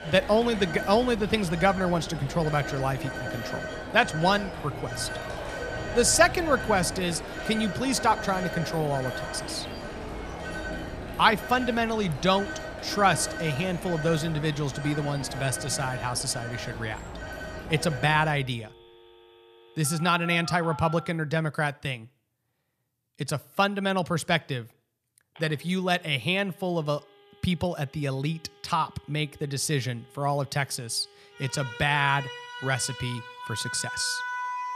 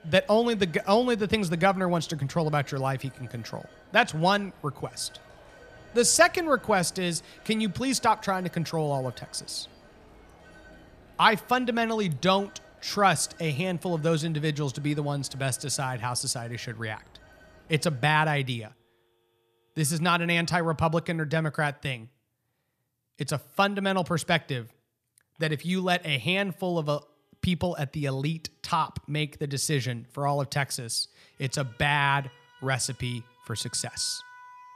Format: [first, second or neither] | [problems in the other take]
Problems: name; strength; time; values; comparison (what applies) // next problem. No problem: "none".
second | alarms or sirens; loud; throughout; 9 dB below the speech; faint in the second